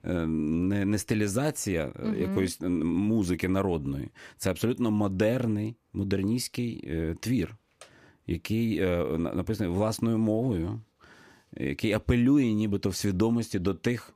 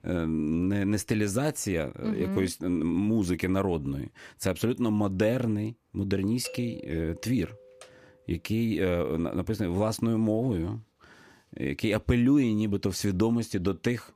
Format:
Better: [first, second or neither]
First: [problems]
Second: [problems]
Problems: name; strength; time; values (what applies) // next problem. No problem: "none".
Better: first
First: none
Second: doorbell; faint; from 6.5 to 8 s; peak 15 dB below the speech